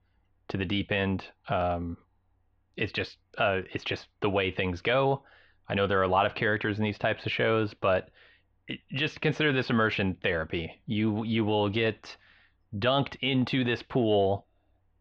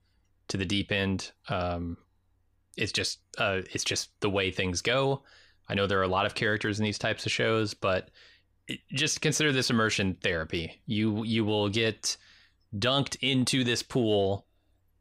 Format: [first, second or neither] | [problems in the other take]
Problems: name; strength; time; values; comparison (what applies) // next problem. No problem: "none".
second | muffled; very; fading above 3 kHz